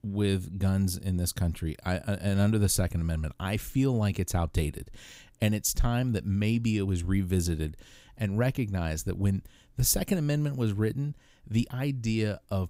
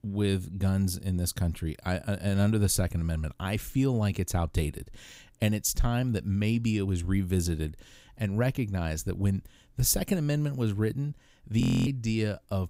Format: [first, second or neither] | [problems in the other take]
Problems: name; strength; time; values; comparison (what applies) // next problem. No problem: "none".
first | audio freezing; at 12 s